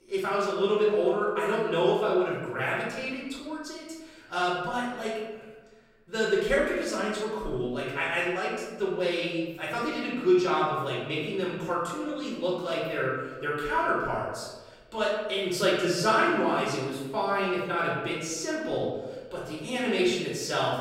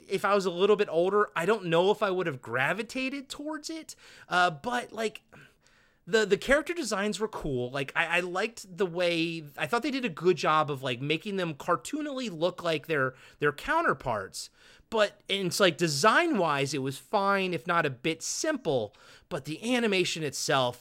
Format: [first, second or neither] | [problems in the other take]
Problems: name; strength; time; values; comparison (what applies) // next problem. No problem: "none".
second | room echo; noticeable; dies away in 1 s // off-mic speech; far